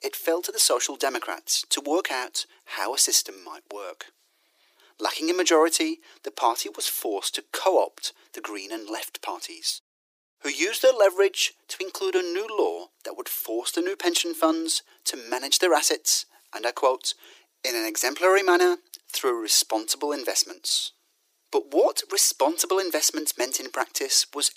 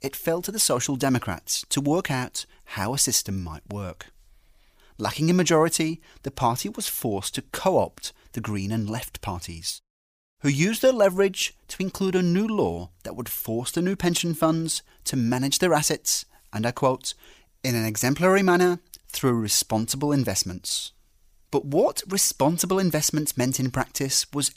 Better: second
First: thin; very; fading below 300 Hz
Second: none

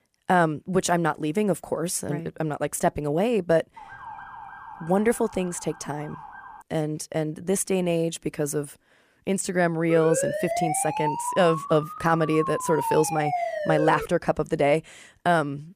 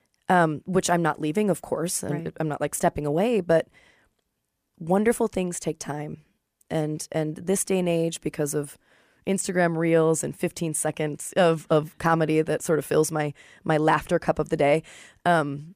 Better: second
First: siren; faint; from 4 to 6.5 s; peak 15 dB below the speech // siren; noticeable; from 10 to 14 s; peak 3 dB below the speech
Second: none

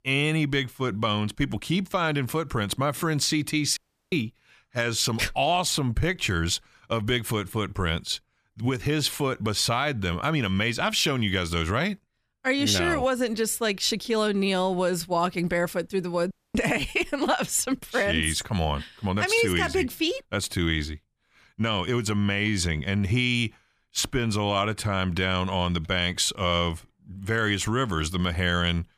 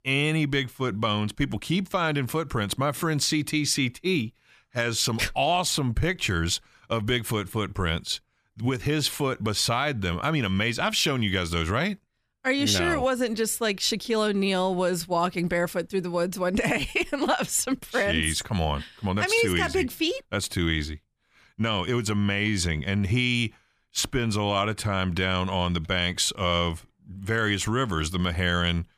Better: second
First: audio cutting out; at 4 s and at 16 s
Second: none

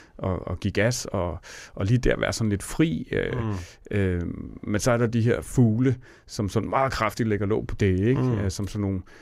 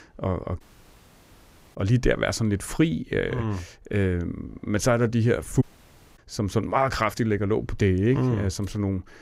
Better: first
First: none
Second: audio cutting out; at 0.5 s for 1 s and at 5.5 s for 0.5 s

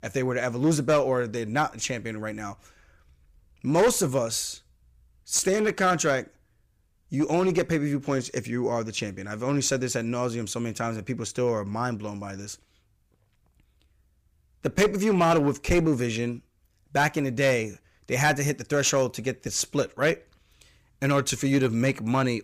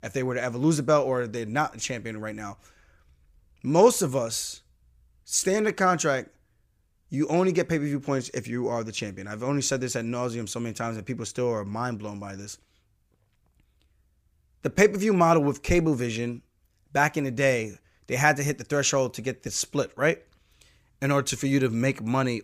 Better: second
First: distortion; slight; 3% of the sound clipped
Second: none

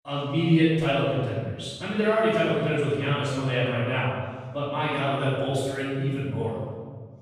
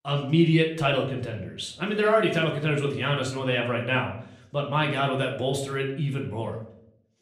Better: second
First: room echo; strong; dies away in 1.5 s // off-mic speech; far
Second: room echo; slight; dies away in 0.5 s // off-mic speech; somewhat distant

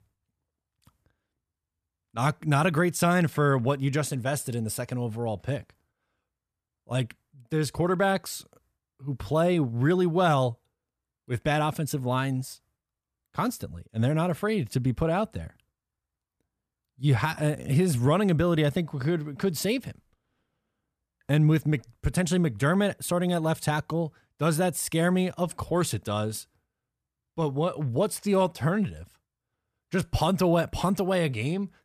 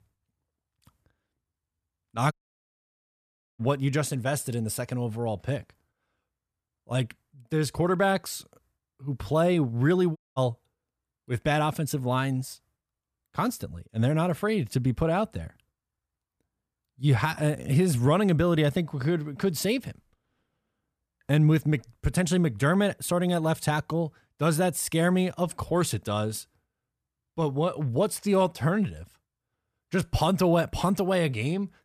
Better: first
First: none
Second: audio cutting out; at 2.5 s for 1.5 s and at 10 s

